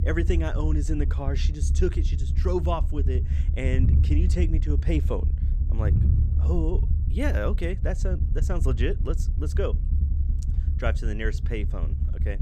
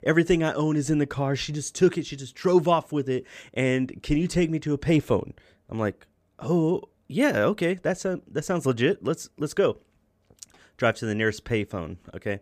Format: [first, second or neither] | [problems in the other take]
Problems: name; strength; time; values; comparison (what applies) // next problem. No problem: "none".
second | low rumble; loud; throughout; 9 dB below the speech